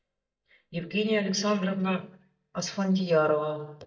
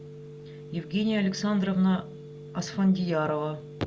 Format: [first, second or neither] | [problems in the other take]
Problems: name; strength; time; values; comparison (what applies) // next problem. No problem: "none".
second | noise reduction (neural mask model DeepFilterNet 3)